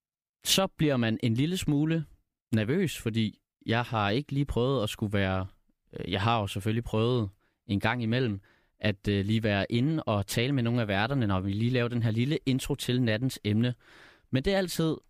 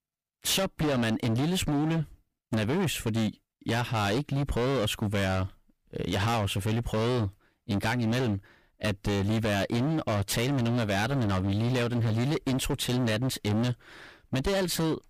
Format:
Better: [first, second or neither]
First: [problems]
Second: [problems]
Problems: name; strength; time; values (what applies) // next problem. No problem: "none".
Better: first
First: none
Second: distortion; heavy; 27% of the sound clipped